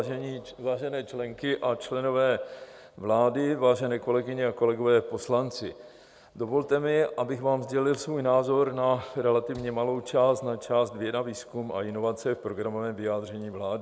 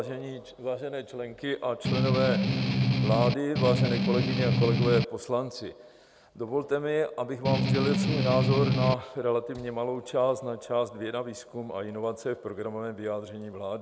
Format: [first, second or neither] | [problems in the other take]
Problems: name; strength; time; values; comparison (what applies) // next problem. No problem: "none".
first | background sound (Strum); 5 dB above the speech